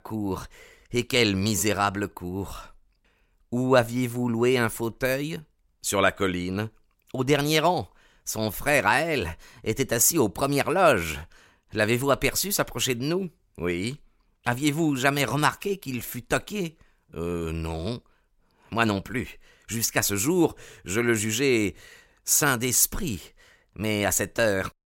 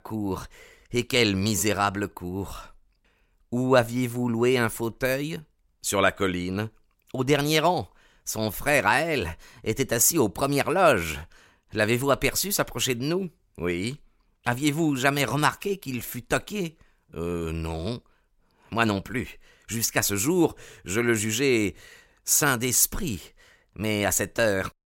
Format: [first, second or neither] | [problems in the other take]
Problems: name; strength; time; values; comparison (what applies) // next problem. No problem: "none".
neither | none